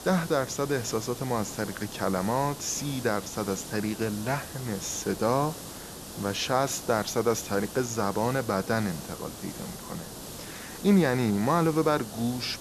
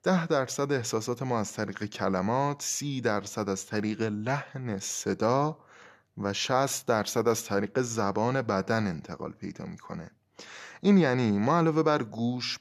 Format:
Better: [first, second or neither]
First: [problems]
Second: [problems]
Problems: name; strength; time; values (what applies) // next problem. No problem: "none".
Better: second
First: hiss; noticeable; throughout; 10 dB below the speech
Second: none